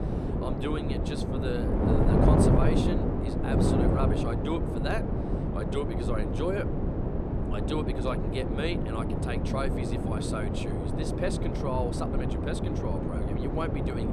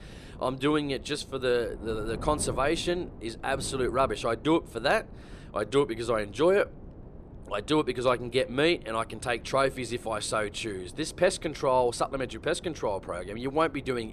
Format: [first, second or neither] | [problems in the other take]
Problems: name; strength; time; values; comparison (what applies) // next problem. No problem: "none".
second | wind noise on the microphone; heavy; 2 dB above the speech; occasional gusts in the second